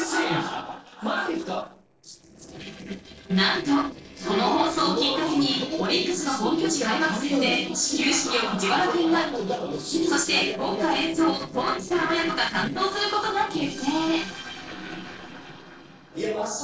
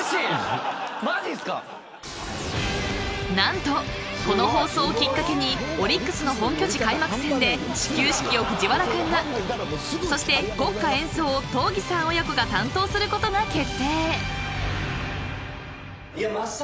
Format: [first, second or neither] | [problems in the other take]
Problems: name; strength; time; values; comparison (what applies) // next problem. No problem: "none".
second | noise reduction (neural separator model SepFormer DNS4)